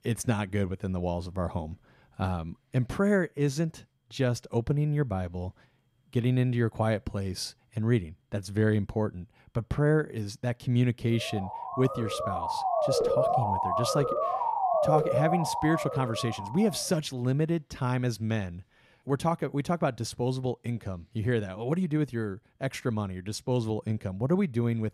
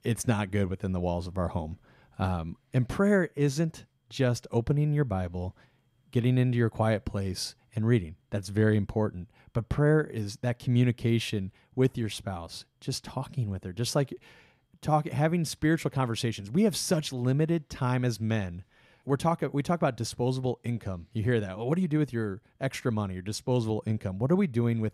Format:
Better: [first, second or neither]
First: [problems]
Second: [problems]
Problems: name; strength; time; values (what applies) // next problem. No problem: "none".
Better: second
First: siren; loud; from 11 to 17 s; peak 4 dB above the speech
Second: none